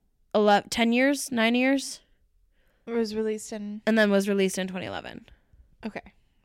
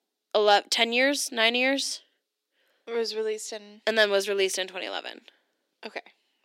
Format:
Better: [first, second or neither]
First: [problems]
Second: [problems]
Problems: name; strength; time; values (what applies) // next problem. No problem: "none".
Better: first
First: none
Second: thin; somewhat; fading below 300 Hz